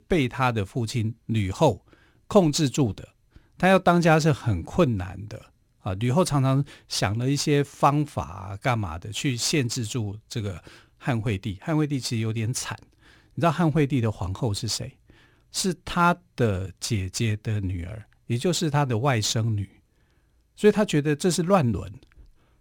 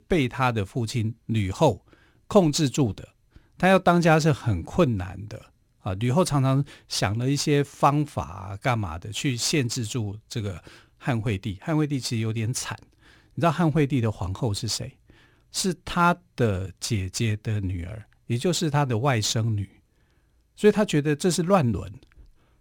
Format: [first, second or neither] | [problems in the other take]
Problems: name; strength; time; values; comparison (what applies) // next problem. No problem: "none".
neither | none